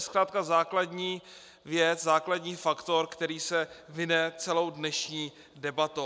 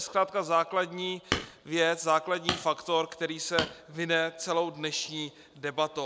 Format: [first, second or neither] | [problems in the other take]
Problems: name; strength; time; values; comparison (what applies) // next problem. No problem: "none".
first | background sound (Hammer); 8 dB below the speech